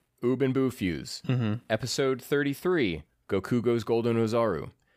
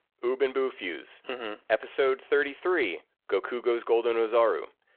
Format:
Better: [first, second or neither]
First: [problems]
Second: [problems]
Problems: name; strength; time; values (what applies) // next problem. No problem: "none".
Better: first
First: none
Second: phone-call audio